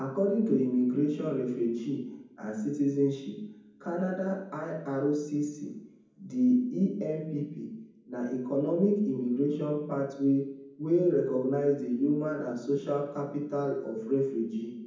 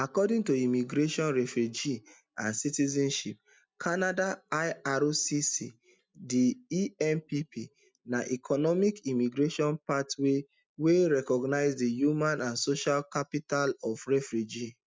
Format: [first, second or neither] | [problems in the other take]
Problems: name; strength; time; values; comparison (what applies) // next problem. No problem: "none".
second | room echo; dies away in 1.2 s